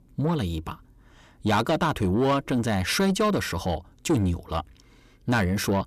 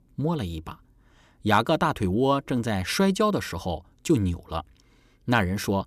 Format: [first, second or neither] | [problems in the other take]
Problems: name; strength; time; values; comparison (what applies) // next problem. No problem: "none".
second | distortion; slight; 10 dB below the speech